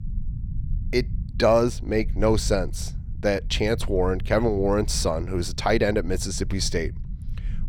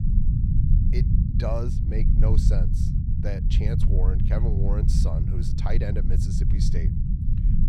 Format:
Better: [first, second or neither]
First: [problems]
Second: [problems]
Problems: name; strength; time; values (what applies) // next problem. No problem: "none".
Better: first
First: low rumble; faint; throughout; 25 dB below the speech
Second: low rumble; loud; throughout; 1 dB below the speech